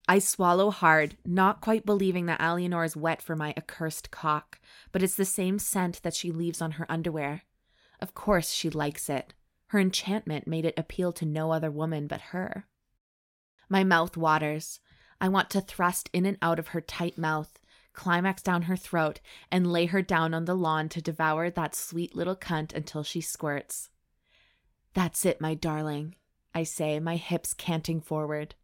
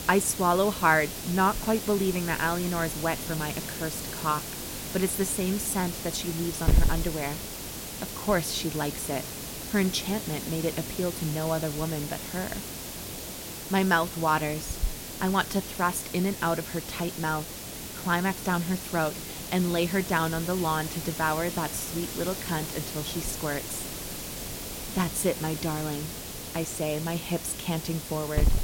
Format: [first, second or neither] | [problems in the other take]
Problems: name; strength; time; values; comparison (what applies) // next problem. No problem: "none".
first | hiss; loud; throughout; 5 dB below the speech